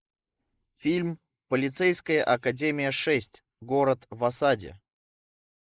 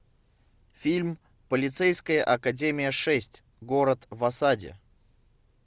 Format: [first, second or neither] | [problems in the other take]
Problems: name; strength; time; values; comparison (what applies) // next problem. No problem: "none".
second | noise reduction (neural mask model Resemble Enhance denoiser)